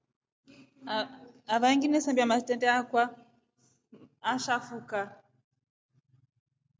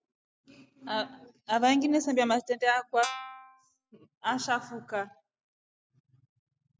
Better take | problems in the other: first | noise reduction (classical method spectral subtraction)

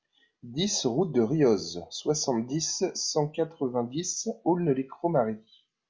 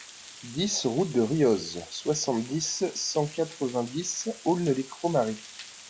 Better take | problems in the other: first | background sound (Water); 17 dB below the speech

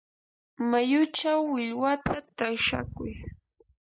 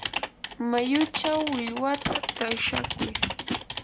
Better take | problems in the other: first | background sound (Typing + Hi-hat); 4 dB below the speech

